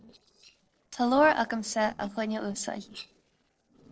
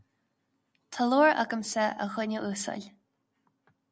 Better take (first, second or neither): second